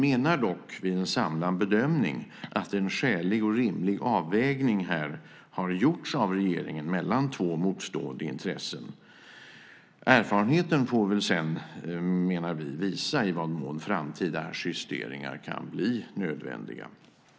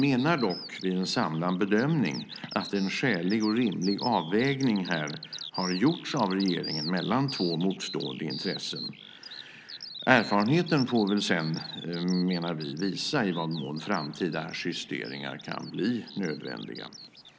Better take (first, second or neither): first